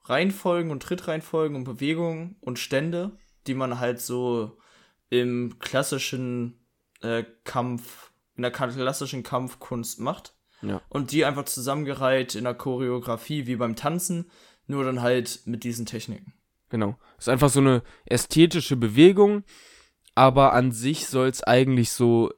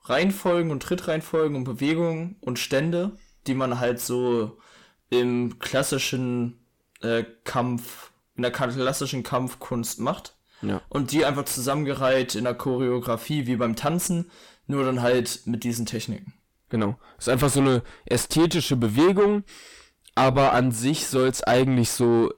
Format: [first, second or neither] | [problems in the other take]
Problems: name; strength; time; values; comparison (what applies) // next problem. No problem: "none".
first | distortion; heavy; 6 dB below the speech